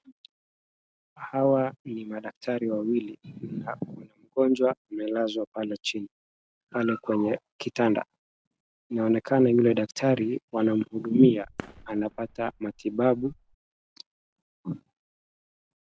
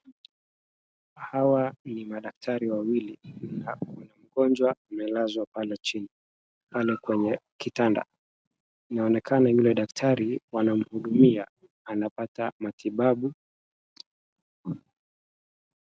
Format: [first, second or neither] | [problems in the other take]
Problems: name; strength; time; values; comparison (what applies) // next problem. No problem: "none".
second | background sound (Fireworks); 19 dB below the speech